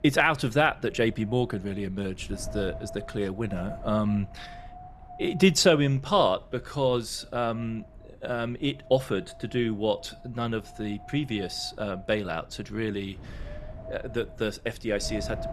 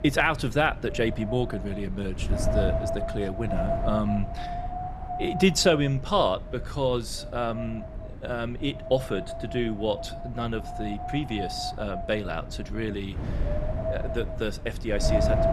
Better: first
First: wind noise on the microphone; occasional gusts; 15 dB below the speech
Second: wind noise on the microphone; heavy; 4 dB below the speech

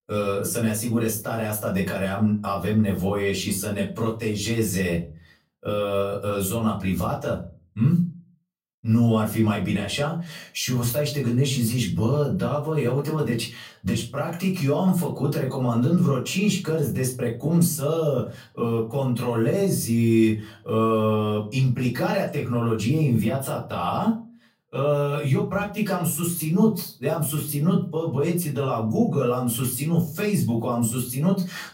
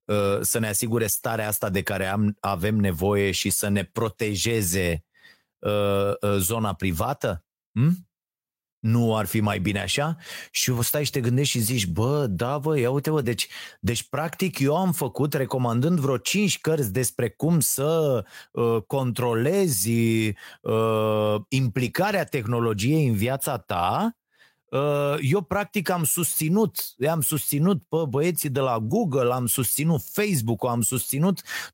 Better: second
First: off-mic speech; far // room echo; slight; dies away in 0.3 s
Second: none

